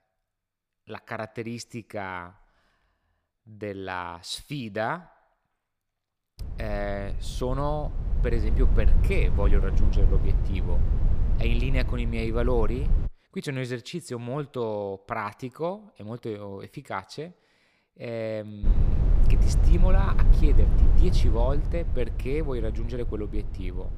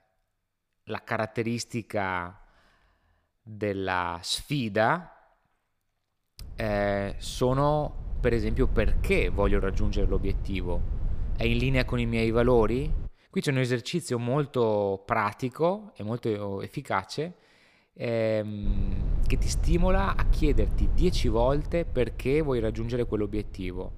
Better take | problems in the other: second | low rumble; loud; from 6.5 to 13 s and from 19 s on; 9 dB below the speech; faint in the second

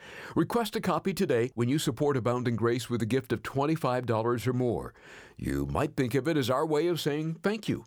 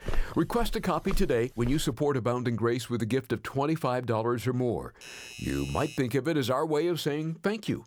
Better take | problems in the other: first | footsteps; noticeable; until 2 s; peak 8 dB below the speech // doorbell; faint; from 5 to 6 s; peak 10 dB below the speech

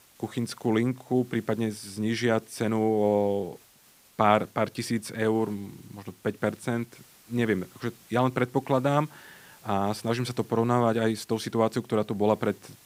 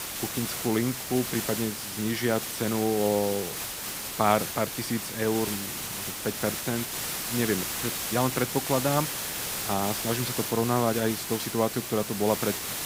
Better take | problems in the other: first | hiss; loud; throughout; 3 dB below the speech; faint in the first

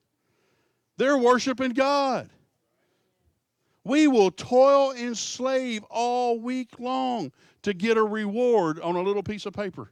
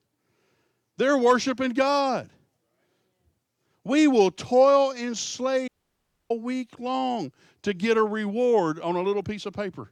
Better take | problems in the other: first | audio cutting out; at 5.5 s for 0.5 s

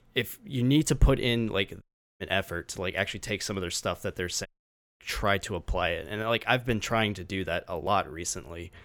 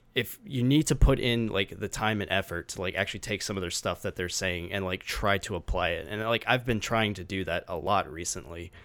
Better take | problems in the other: second | audio cutting out; at 2 s and at 4.5 s for 0.5 s

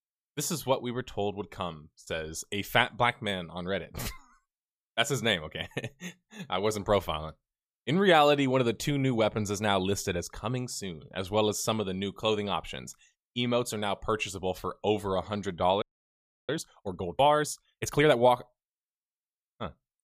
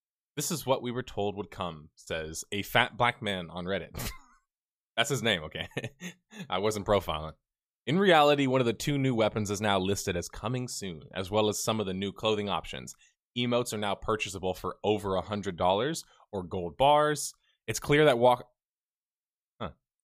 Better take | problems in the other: second | audio freezing; at 16 s for 0.5 s

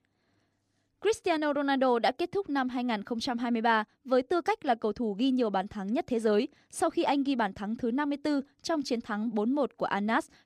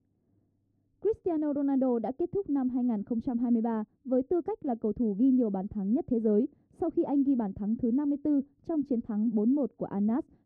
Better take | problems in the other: first | muffled; very; fading above 1 kHz

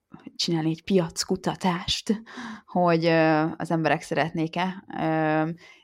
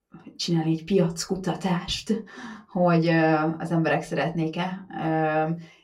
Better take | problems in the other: first | off-mic speech; far // room echo; very slight; dies away in 0.2 s

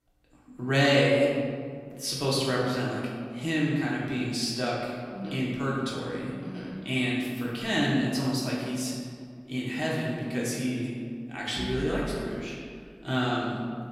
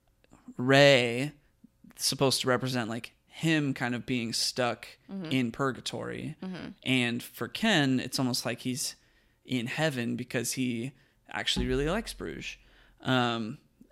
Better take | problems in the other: second | room echo; noticeable; dies away in 1.8 s // off-mic speech; far

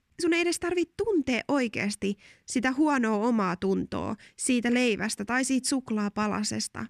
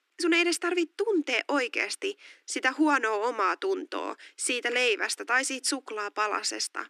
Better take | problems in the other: first | thin; somewhat; fading below 300 Hz

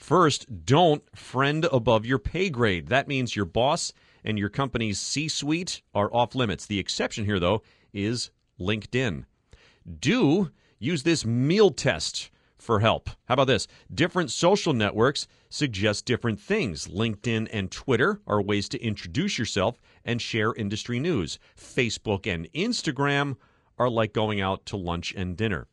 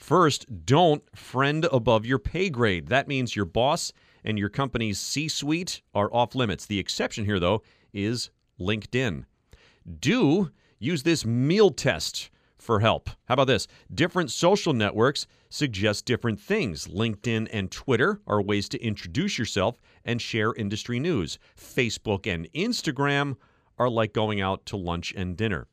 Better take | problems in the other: second | garbled, watery; slightly

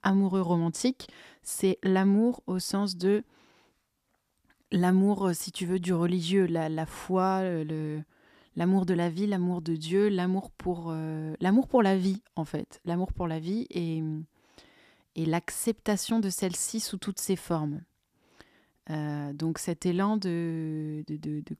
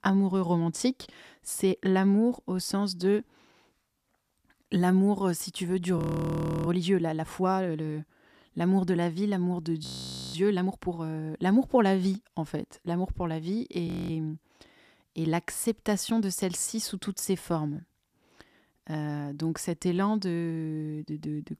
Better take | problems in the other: first | audio freezing; at 6 s for 0.5 s, at 10 s for 0.5 s and at 14 s

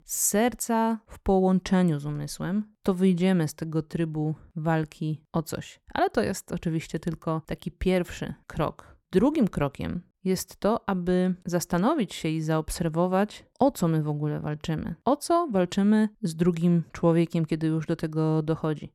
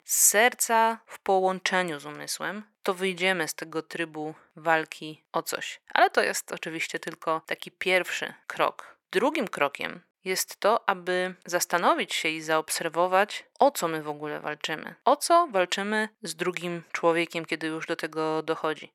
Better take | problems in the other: first | thin; very; fading below 600 Hz

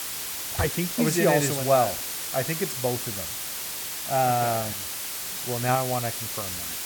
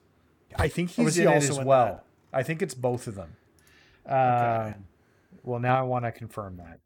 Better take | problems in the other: second | hiss; loud; throughout; 4 dB below the speech

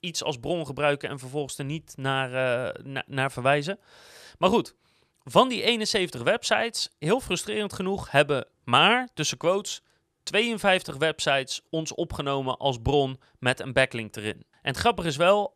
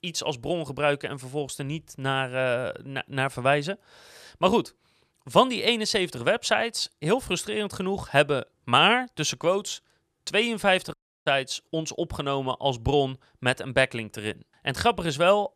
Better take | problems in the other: first | audio cutting out; at 11 s

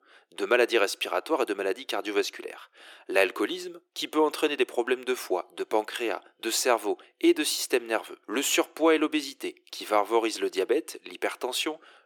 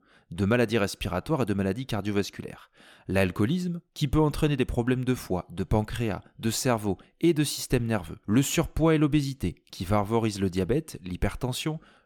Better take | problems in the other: second | thin; very; fading below 350 Hz

